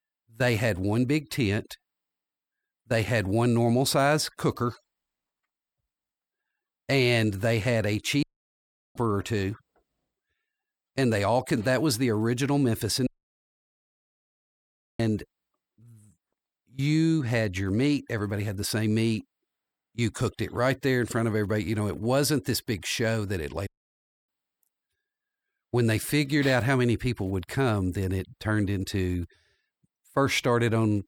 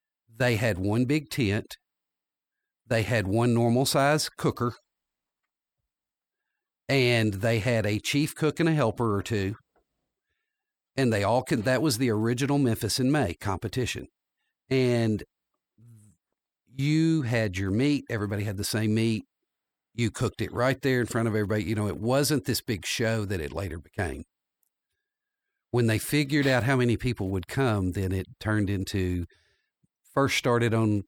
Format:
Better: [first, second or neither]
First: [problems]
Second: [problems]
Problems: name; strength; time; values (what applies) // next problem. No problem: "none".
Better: second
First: audio cutting out; at 8 s for 0.5 s, at 13 s for 2 s and at 24 s for 0.5 s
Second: none